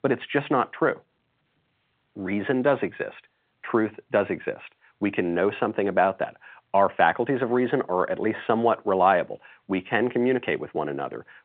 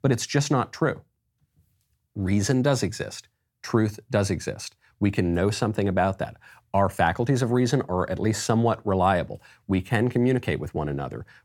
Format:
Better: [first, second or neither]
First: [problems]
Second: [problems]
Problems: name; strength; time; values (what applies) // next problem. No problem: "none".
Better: second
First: phone-call audio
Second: none